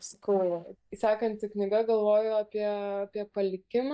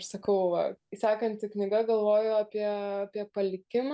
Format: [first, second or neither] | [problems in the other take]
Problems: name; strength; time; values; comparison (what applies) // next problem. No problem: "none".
second | noise reduction (neural mask model DeepFilterNet 3)